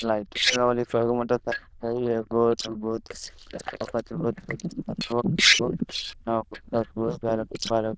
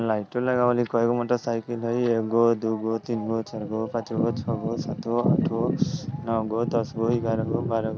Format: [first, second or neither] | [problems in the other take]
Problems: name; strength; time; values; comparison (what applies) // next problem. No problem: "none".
second | noise reduction (neural diffusion model UNIVERSE++)